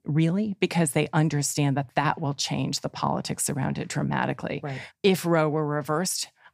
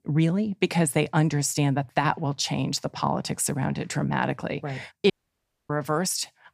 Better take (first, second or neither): first